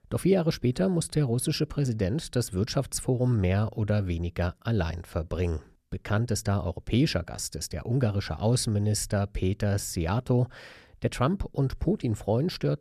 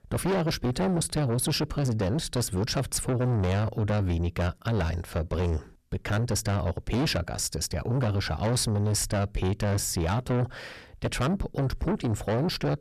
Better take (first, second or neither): first